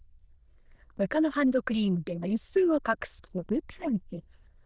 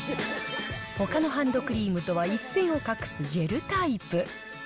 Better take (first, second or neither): second